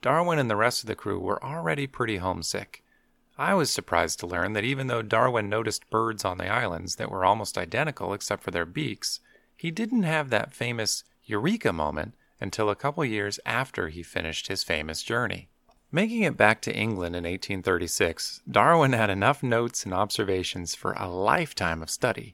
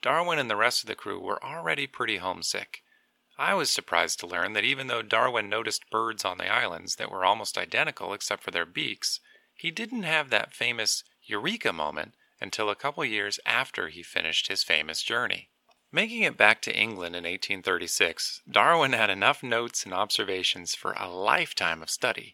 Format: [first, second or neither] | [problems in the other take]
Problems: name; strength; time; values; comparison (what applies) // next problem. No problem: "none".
first | thin; somewhat; fading below 1 kHz